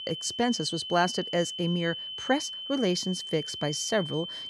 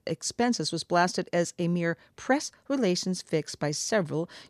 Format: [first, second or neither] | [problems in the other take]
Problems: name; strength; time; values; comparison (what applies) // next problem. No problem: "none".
second | high-pitched whine; loud; throughout; 3 kHz, 6 dB below the speech